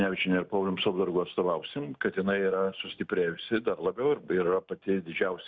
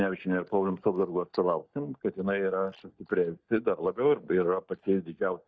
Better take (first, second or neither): first